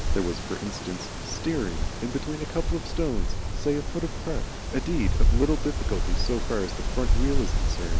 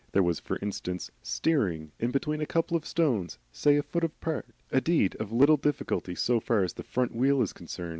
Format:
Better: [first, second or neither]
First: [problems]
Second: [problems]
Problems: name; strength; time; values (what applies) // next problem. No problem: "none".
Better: second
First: background sound (Wind); 5 dB above the speech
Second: none